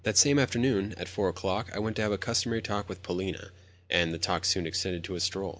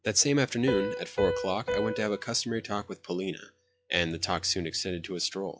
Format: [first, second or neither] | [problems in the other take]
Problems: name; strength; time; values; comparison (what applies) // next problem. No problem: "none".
first | noise reduction (classical method log-MMSE)